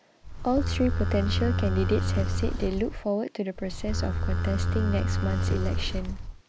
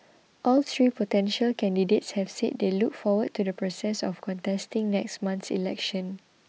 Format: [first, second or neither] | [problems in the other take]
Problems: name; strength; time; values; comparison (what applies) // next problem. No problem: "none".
second | background sound (Livestock, farm animals, working animals); 3 dB above the speech